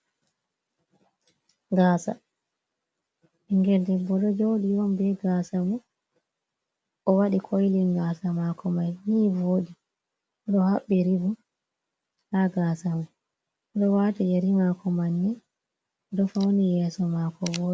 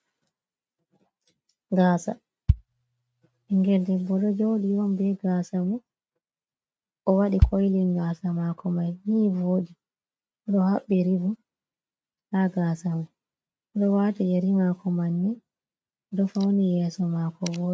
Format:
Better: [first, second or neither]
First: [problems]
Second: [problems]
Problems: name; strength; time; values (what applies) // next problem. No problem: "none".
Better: first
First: none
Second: noise reduction (neural mask model RNNoise)